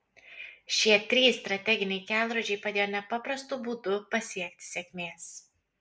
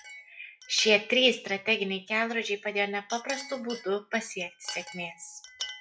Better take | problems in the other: first | noise reduction (classical method log-MMSE)

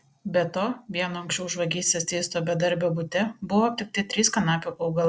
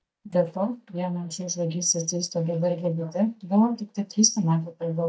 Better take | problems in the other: first | noise reduction (neural mask model DeepFilterNet 3)

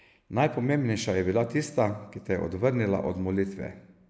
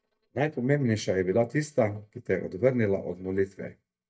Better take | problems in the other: first | noise reduction (neural mask model DeepFilterNet 3)

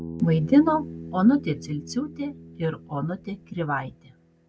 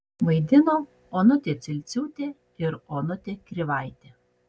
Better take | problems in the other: second | background sound (Bass guitar); 14 dB below the speech

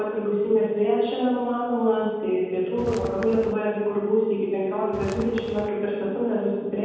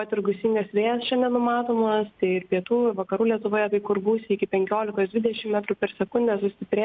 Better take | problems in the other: second | background sound (Walk, footsteps); 11 dB below the speech // room echo; dies away in 1.2 s

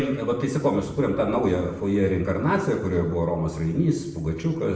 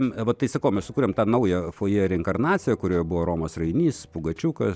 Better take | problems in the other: second | room echo; dies away in 0.7 s

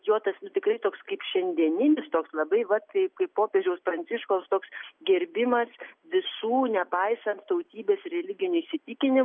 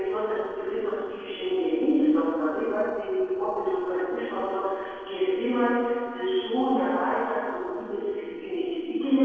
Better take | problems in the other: first | noise reduction (neural separator model SepFormer DNS4)

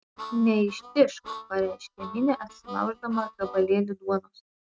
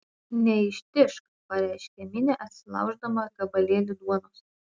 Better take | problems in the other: second | noise reduction (neural mask model RNNoise)

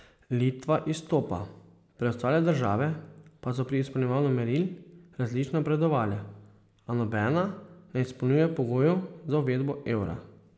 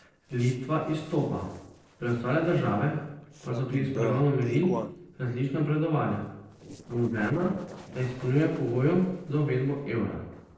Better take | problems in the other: first | noise reduction (neural separator model SepFormer DNS4)

